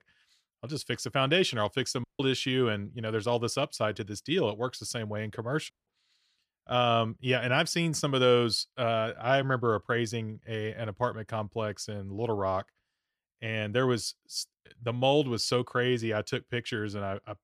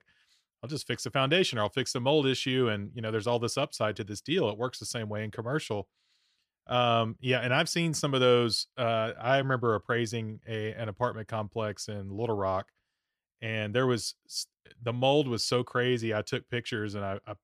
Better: second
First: audio cutting out; at 2 s and at 5.5 s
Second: none

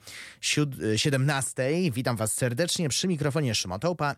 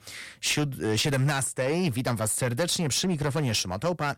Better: first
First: none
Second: distortion; slight; 8% of the sound clipped

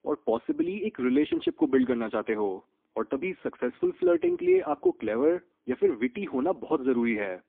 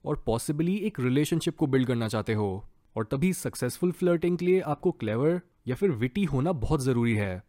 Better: second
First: phone-call audio; poor line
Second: none

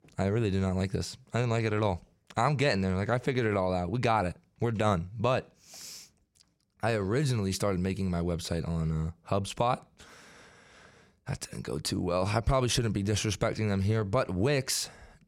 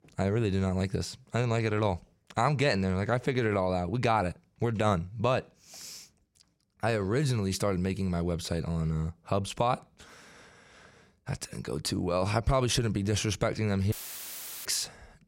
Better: first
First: none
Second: audio cutting out; filled with static; at 14 s for 0.5 s

